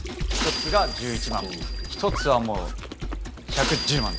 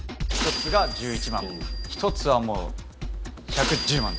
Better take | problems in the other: second | background sound (Squeak / Trickle, dribble / Sink (filling or washing)); 14 dB below the speech

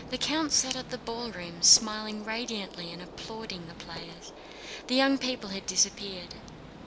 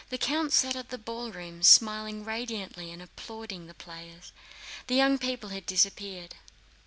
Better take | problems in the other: second | background sound (Gunshot, gunfire); 15 dB below the speech

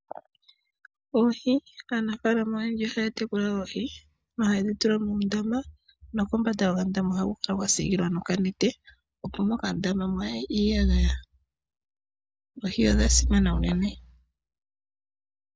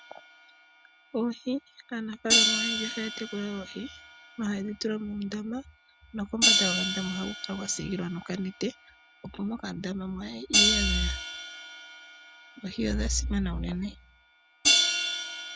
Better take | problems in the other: first | background sound (Hi-hat); 2 dB above the speech

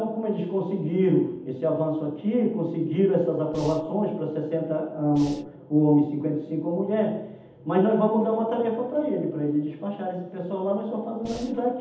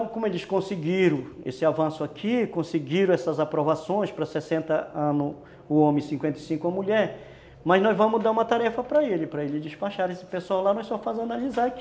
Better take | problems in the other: second | background sound (Breathing); 17 dB below the speech // room echo; dies away in 0.8 s

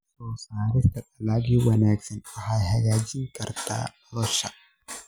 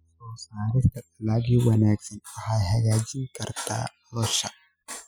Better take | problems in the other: first | noise reduction (classical method spectral subtraction)

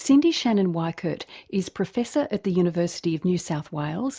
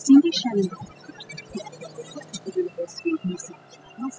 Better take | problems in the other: first | noise reduction (classical method spectral subtraction)

